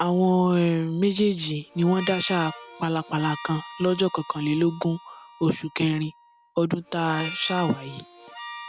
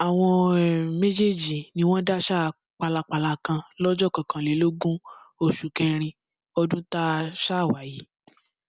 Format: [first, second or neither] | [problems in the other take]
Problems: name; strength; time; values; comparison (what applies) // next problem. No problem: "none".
second | background sound (Harmonica); 15 dB below the speech